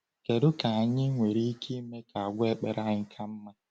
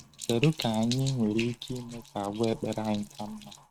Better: first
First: none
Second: noise reduction (neural mask model RNNoise)

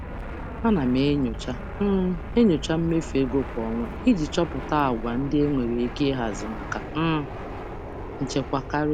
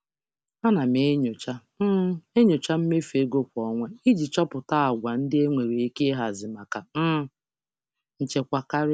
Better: second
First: background sound (Fixed-wing aircraft, airplane); 9 dB below the speech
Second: none

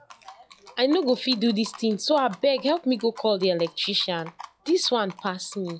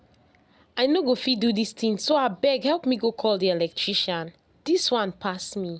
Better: second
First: noise reduction (classical method log-MMSE)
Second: none

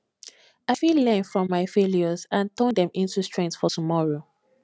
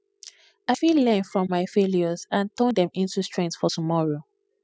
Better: first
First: none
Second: noise reduction (classical method spectral subtraction)

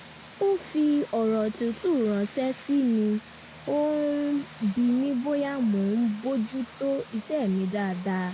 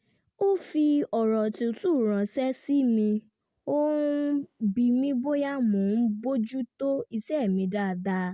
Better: second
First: background sound (Vehicle); 20 dB below the speech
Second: none

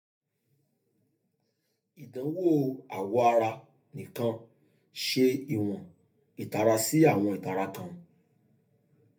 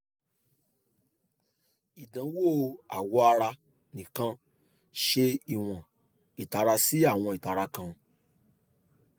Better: second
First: room echo; dies away in 0.3 s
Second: none

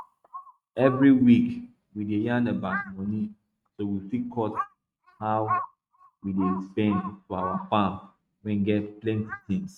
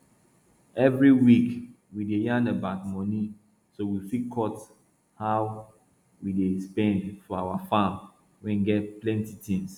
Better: second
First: noise reduction (neural mask model RNNoise)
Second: none

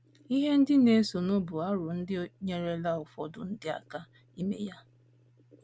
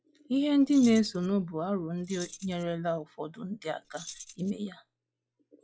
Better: first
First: none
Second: noise reduction (classical method log-MMSE)

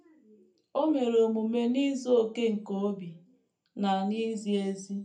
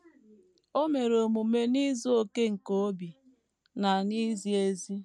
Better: second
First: room echo; dies away in 0.3 s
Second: none

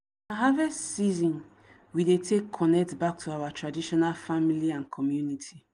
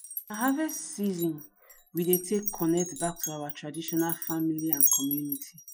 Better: first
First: none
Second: noise reduction (classical method Wiener filter)

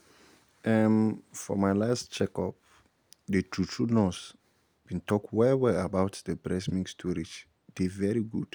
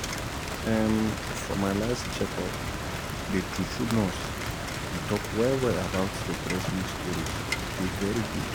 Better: first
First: none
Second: background sound (Rain); 2 dB below the speech

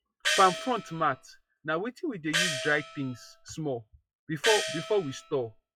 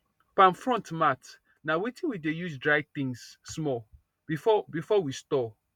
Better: second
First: noise reduction (classical method log-MMSE)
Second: none

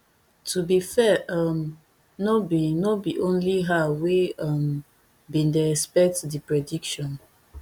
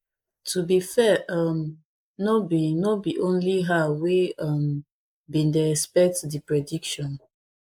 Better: first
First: none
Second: noise reduction (neural mask model Resemble Enhance denoiser)

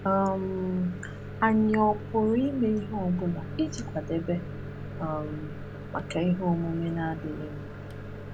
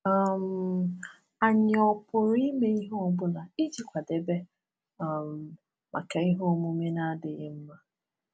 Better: second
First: background sound (Microwave oven); 9 dB below the speech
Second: none

